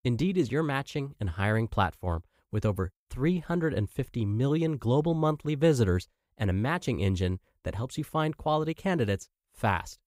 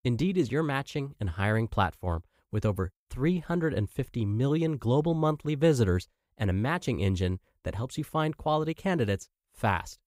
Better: neither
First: none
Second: none

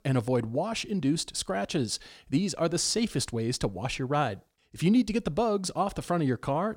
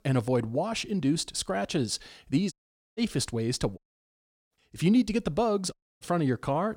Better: first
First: none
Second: audio cutting out; at 2.5 s, at 4 s for 0.5 s and at 5.5 s

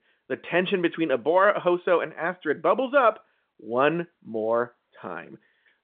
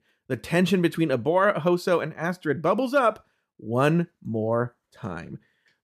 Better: second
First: phone-call audio; nothing above 3.5 kHz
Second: none

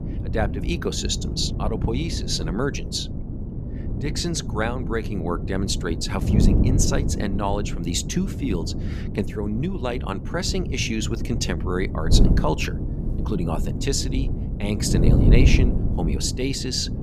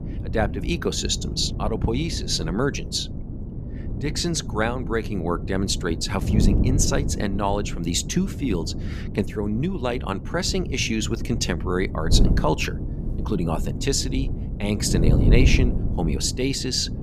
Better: second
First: wind noise on the microphone; heavy; 7 dB below the speech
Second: wind noise on the microphone; occasional gusts; 10 dB below the speech

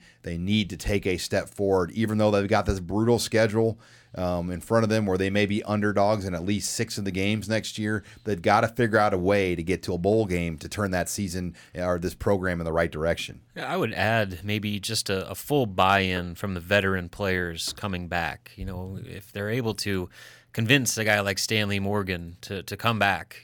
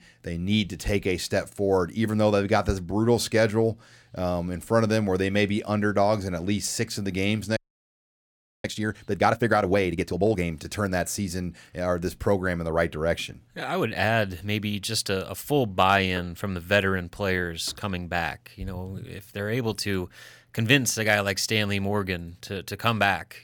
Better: first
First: none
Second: audio freezing; at 7.5 s for 1 s

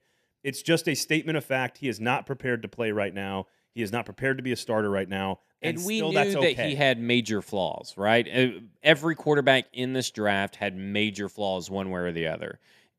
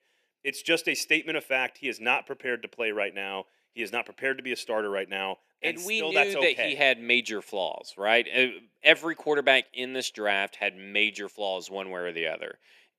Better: first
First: none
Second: thin; somewhat; fading below 400 Hz

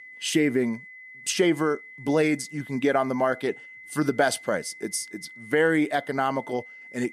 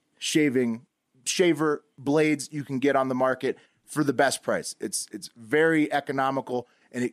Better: second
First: high-pitched whine; noticeable; throughout; 2 kHz, 15 dB below the speech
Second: none

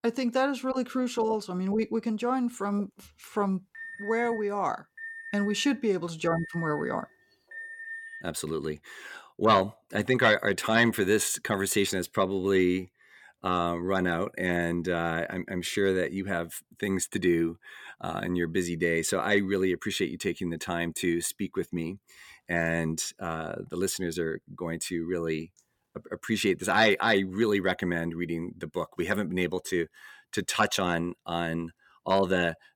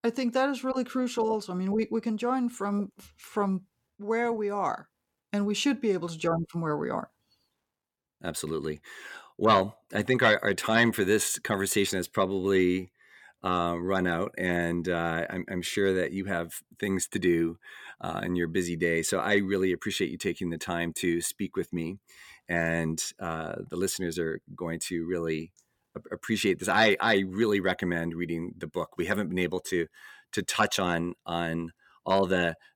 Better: second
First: alarm; noticeable; from 3.5 to 8 s; peak 9 dB below the speech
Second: none

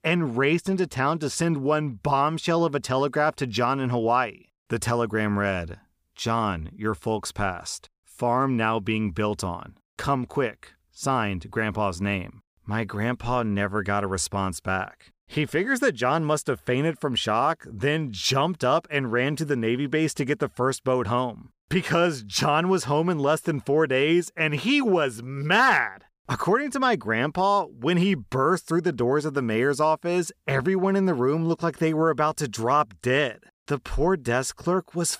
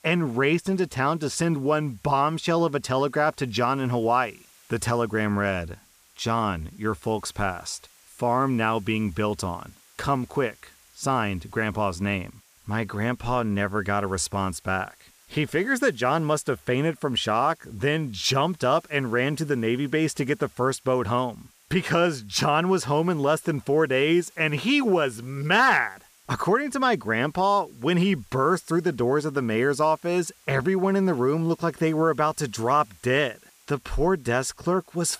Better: first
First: none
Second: hiss; faint; throughout; 30 dB below the speech

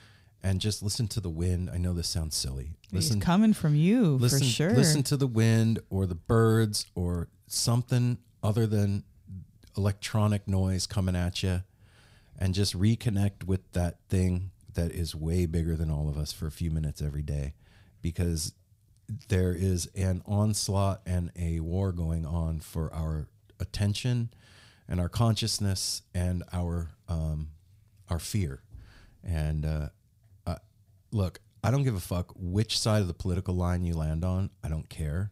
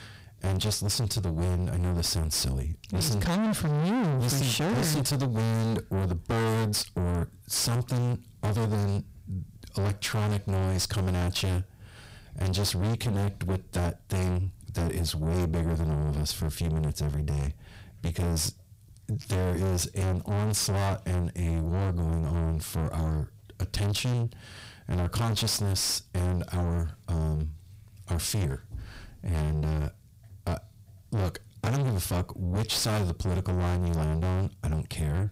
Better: first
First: none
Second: distortion; heavy; 5 dB below the speech

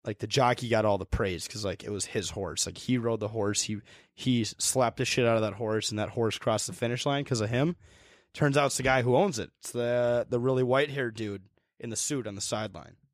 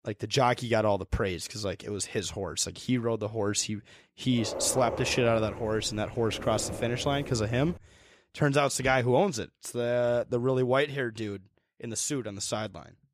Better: first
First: none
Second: dog barking; noticeable; from 4.5 to 8 s; peak 6 dB below the speech

